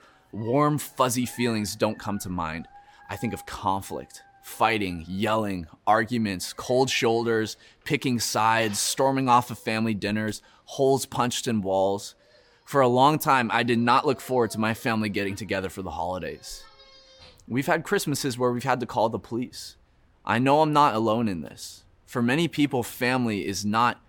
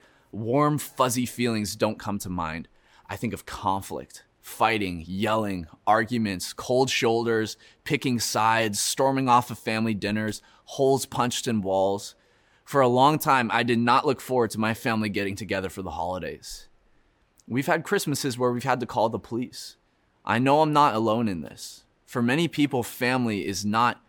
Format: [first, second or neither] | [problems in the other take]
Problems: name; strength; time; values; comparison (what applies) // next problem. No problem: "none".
second | animal sounds; faint; throughout; 25 dB below the speech